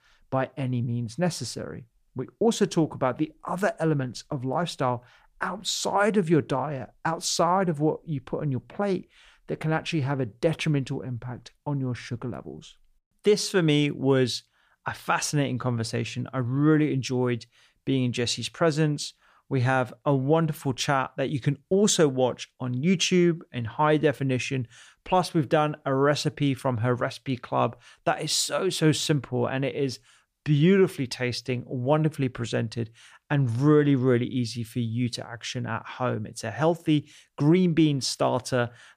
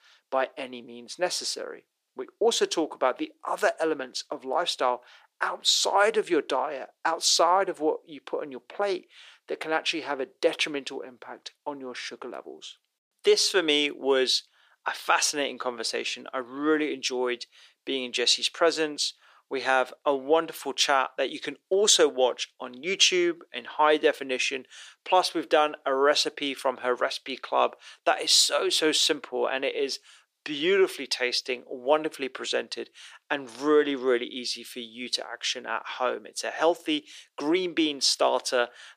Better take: first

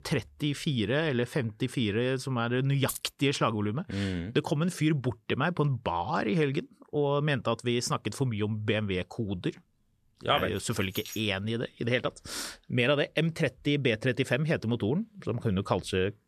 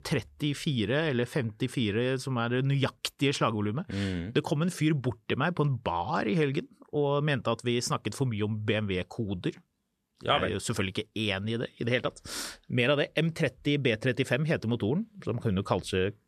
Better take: second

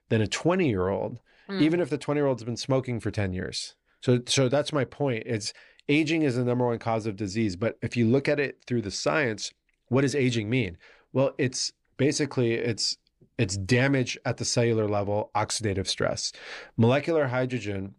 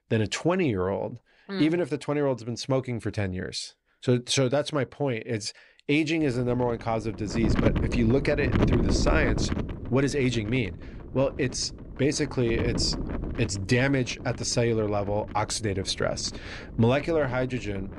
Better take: first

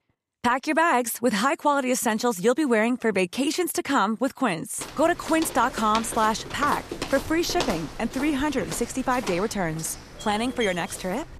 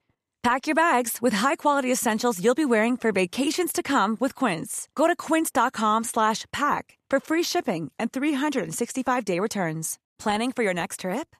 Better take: second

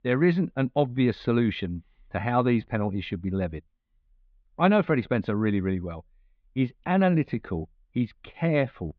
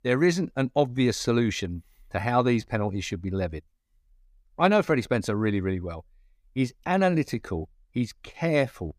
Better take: second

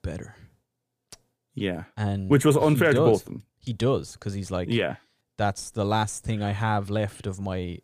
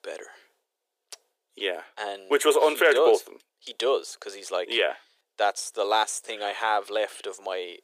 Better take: first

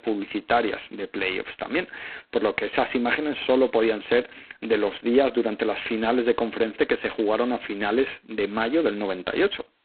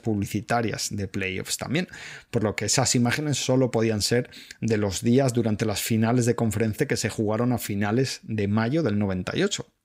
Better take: second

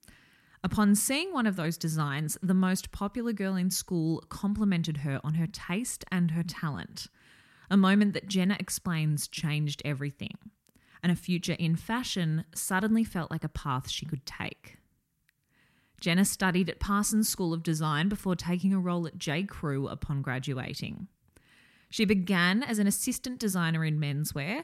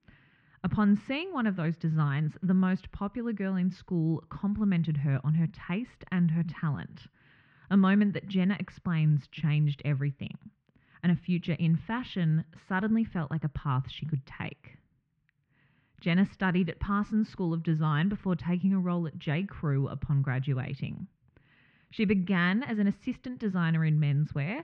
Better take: first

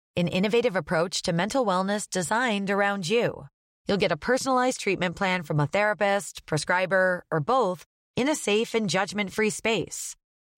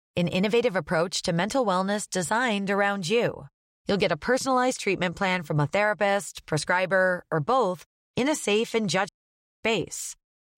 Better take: first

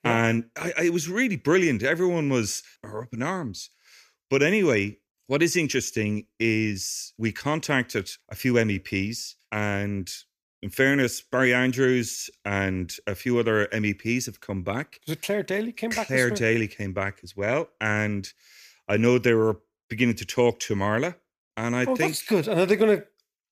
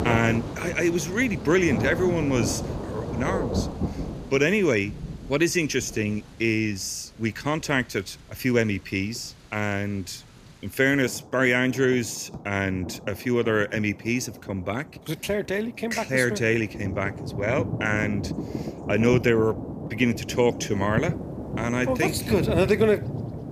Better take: first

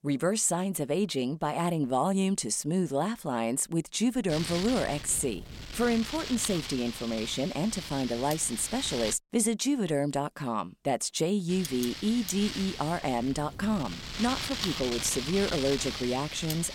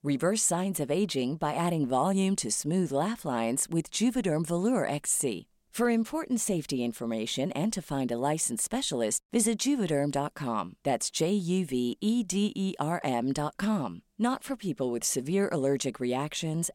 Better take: second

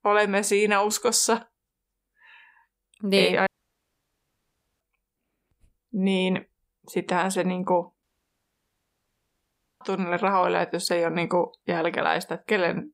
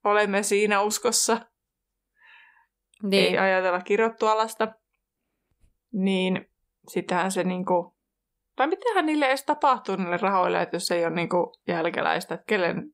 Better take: second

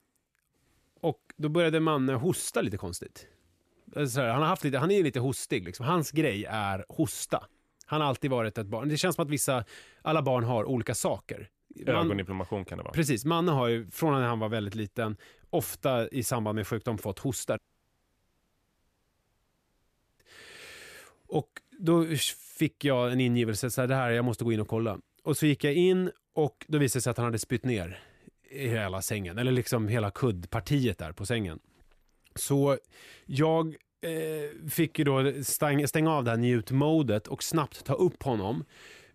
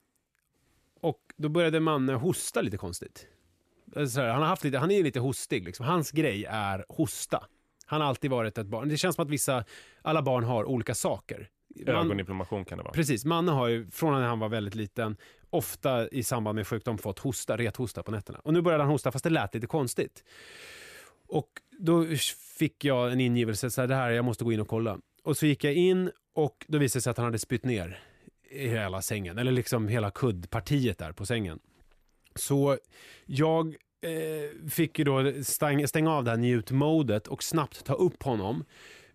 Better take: second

